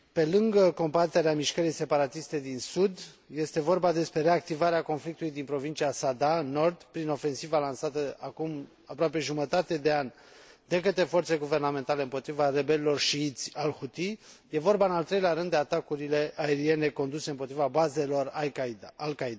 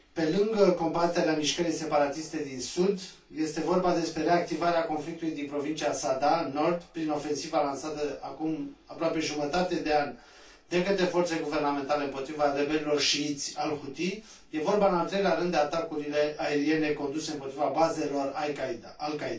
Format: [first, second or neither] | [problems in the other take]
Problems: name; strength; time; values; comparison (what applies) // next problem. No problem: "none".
first | room echo; dies away in 0.2 s